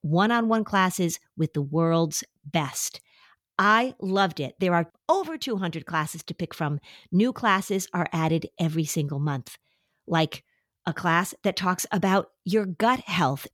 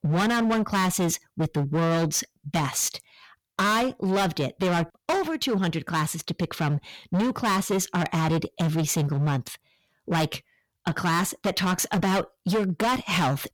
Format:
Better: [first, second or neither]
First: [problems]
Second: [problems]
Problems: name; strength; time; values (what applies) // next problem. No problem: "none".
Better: first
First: none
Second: distortion; heavy; 20% of the sound clipped